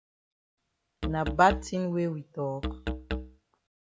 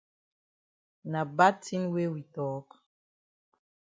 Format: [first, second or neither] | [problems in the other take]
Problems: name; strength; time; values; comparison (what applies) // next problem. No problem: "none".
second | background sound (Musical instrument); 6 dB below the speech